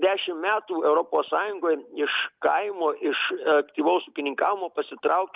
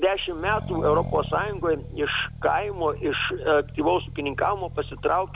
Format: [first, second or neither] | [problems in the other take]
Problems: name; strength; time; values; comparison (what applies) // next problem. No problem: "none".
first | background sound (Accelerating, revving, vroom); 11 dB below the speech